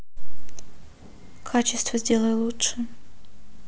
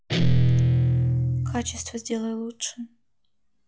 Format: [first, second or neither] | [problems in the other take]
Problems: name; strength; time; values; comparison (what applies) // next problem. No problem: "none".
first | noise reduction (classical method log-MMSE)